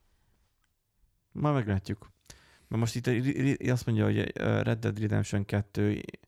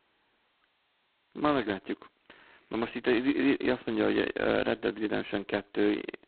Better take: first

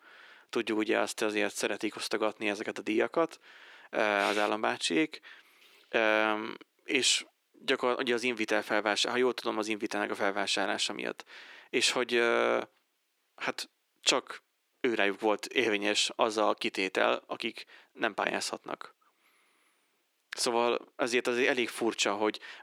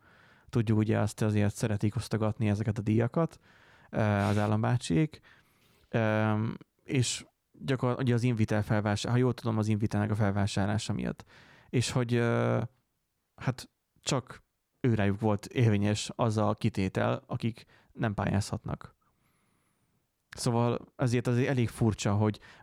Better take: second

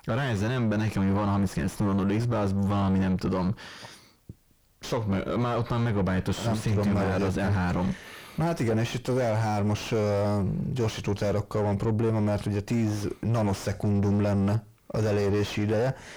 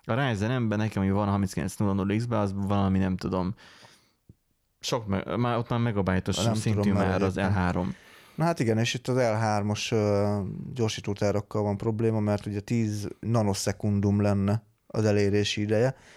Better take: second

